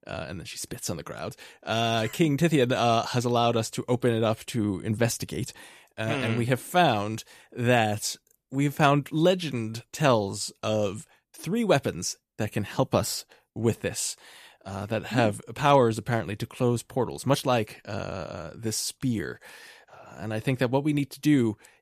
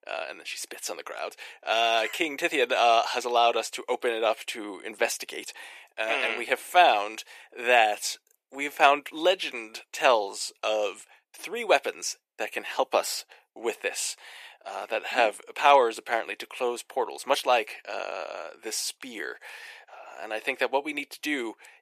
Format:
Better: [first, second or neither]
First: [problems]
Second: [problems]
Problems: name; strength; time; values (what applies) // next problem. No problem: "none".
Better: first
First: none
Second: thin; very; fading below 400 Hz